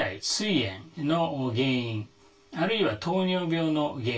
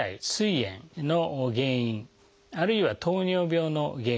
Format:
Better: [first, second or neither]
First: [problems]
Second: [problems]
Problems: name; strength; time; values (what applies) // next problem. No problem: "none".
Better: second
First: room echo; dies away in 0.2 s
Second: none